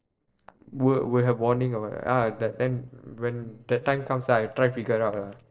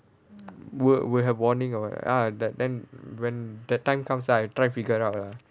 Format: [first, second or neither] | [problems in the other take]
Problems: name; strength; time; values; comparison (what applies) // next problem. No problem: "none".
second | noise reduction (neural separator model SepFormer DNS4)